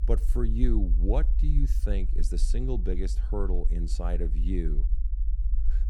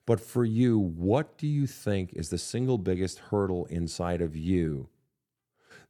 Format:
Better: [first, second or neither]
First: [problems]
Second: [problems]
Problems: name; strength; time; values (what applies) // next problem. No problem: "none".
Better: second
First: low rumble; noticeable; throughout; 15 dB below the speech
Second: none